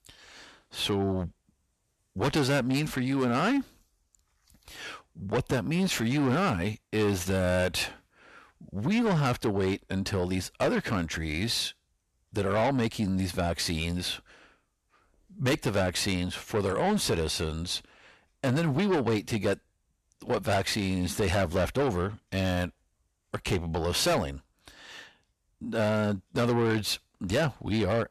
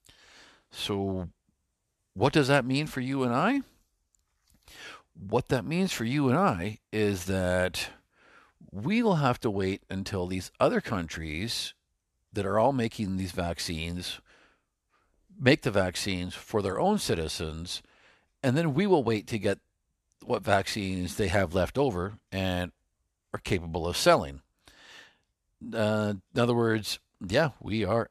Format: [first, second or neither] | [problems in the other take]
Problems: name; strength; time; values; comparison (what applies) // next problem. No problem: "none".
second | distortion; heavy; 7 dB below the speech